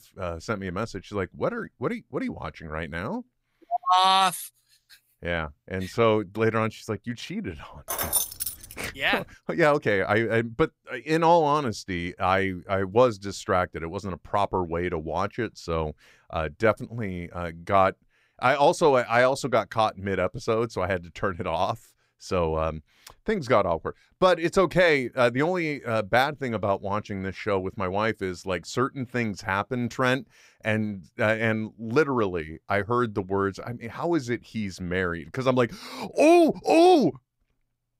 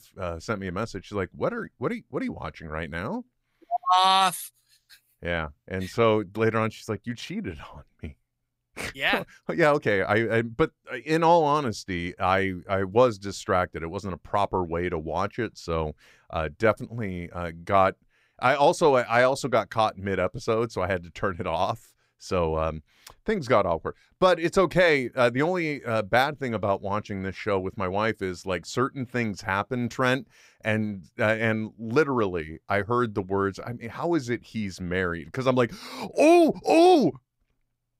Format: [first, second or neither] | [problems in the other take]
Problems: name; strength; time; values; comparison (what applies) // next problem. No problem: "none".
second | jangling keys; loud; at 8 s; peak 1 dB above the speech